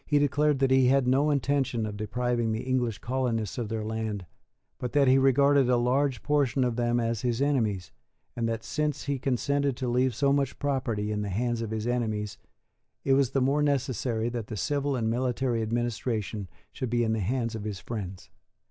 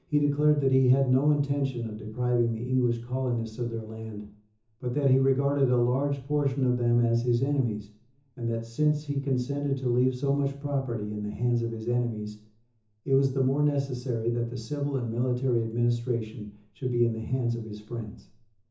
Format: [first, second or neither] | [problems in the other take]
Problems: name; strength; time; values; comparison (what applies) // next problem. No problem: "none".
first | room echo; dies away in 0.6 s